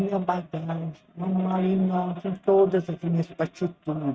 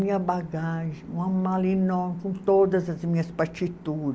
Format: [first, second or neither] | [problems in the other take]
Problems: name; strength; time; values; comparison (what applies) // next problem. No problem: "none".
second | noise reduction (neural mask model RNNoise)